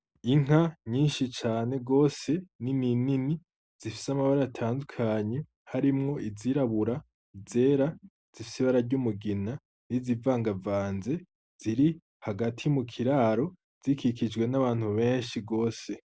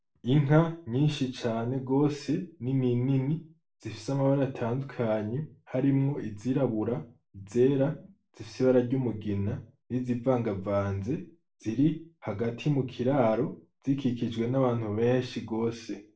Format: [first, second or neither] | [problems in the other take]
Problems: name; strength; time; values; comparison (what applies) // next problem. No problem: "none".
first | room echo; dies away in 0.3 s